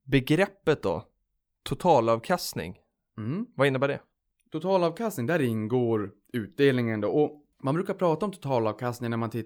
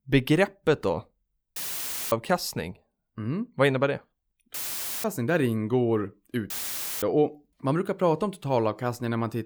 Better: first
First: none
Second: audio cutting out; filled with static; at 1.5 s for 0.5 s, at 4.5 s for 0.5 s and at 6.5 s for 0.5 s

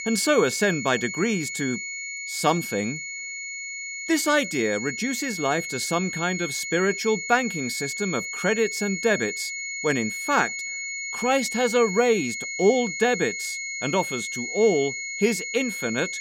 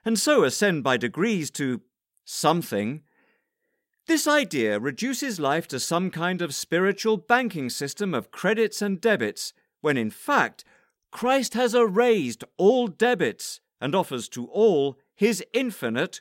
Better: second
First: high-pitched whine; loud; throughout; 2 kHz, 5 dB below the speech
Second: none

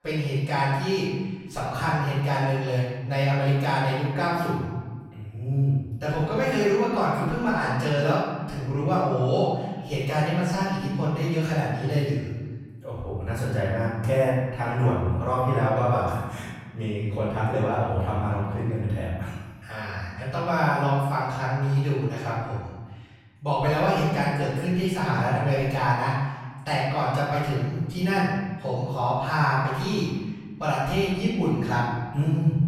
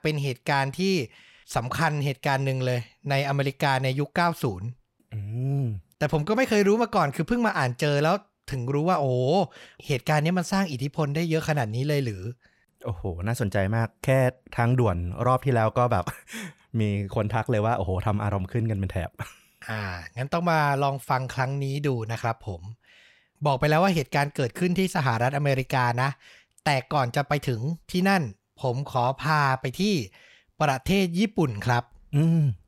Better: second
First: off-mic speech; far // room echo; strong; dies away in 1.3 s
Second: none

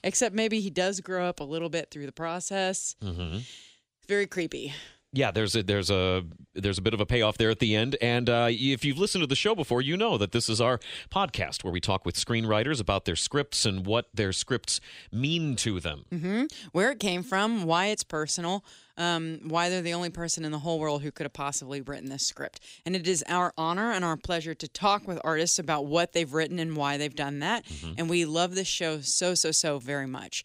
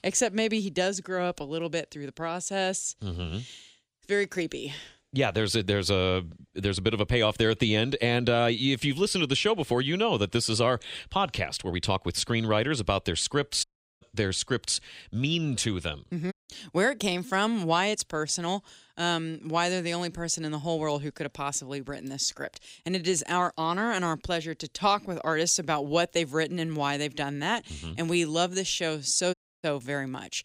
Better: first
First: none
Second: audio cutting out; at 14 s, at 16 s and at 29 s

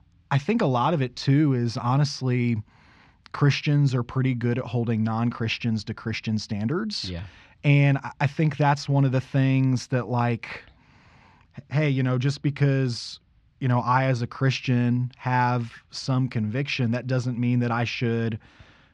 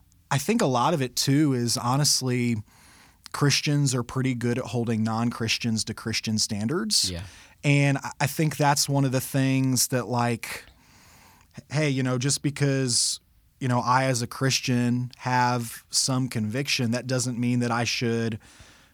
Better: second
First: muffled; slightly; fading above 3.5 kHz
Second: none

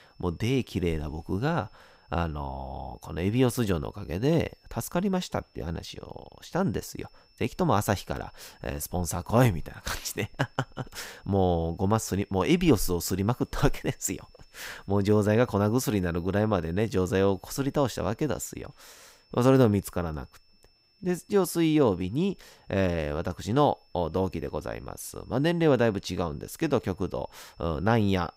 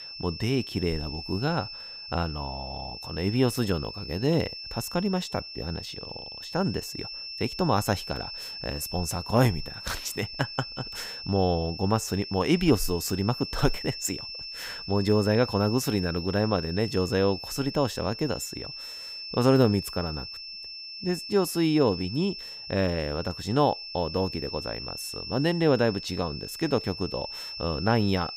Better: first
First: high-pitched whine; faint; throughout; 5.5 kHz, 35 dB below the speech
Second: high-pitched whine; loud; throughout; 5.5 kHz, 9 dB below the speech

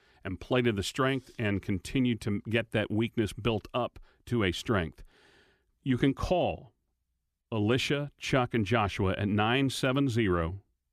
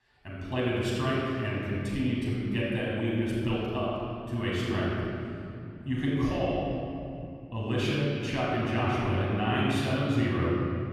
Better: first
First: none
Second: off-mic speech; far // room echo; strong; dies away in 2.9 s

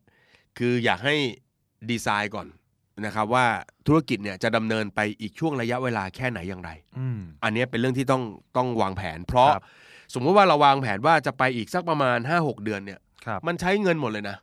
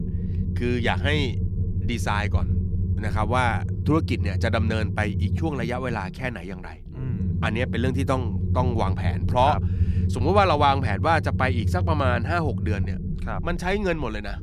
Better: first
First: none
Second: low rumble; noticeable; throughout; 15 dB below the speech

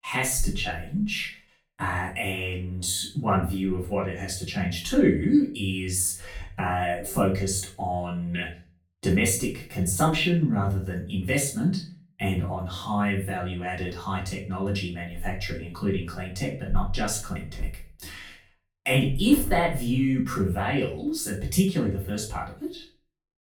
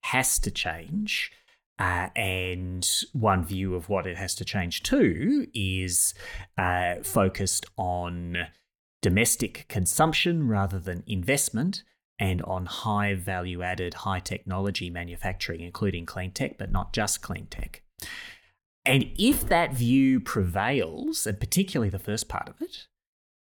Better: second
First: room echo; slight; dies away in 0.4 s // off-mic speech; far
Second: none

